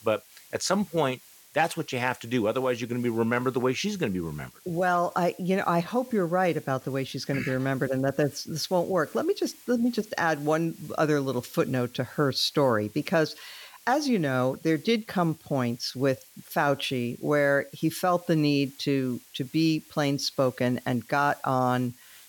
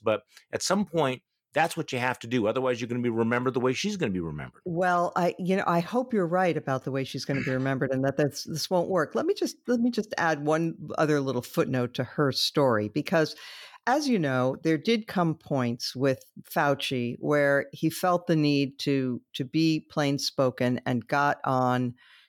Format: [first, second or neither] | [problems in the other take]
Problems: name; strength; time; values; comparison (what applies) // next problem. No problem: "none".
second | hiss; faint; throughout; 25 dB below the speech